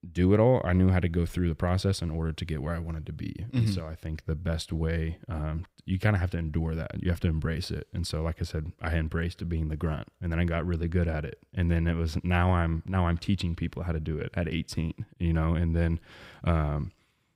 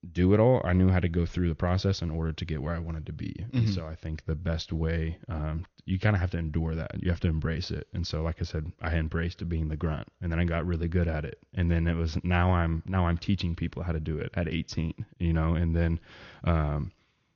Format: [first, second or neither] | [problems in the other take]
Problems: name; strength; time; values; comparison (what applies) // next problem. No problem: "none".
first | garbled, watery; slightly; nothing above 6 kHz